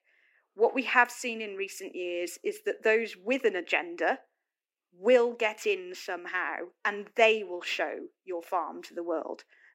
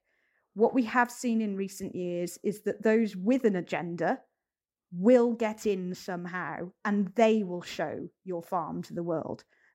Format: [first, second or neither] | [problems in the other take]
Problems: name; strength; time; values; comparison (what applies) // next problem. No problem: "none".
second | thin; somewhat; fading below 300 Hz